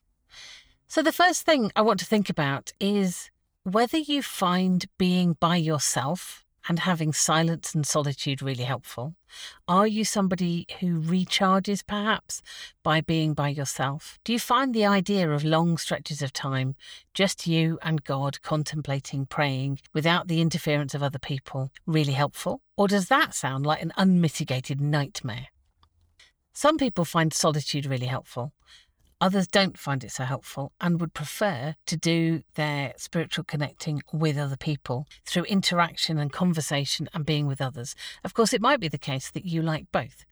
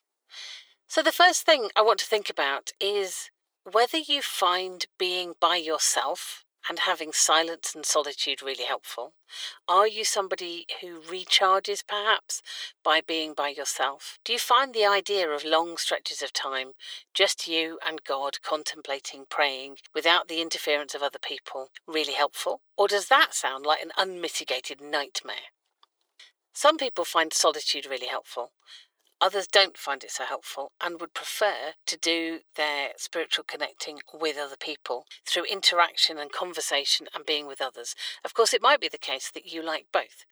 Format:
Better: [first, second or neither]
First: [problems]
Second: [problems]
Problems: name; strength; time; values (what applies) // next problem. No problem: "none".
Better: first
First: none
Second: thin; very; fading below 350 Hz